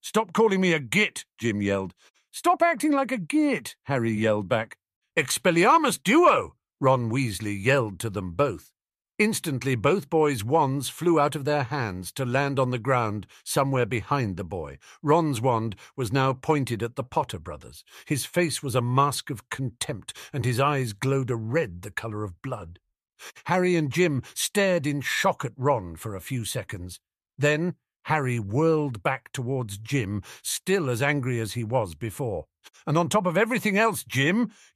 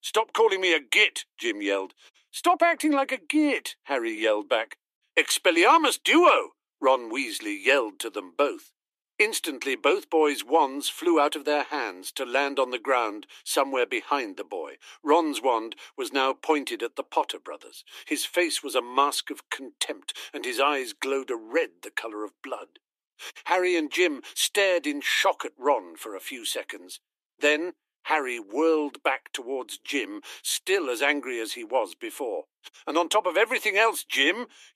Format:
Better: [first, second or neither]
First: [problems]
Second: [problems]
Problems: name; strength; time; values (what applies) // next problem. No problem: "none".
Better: first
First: none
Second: thin; somewhat; fading below 300 Hz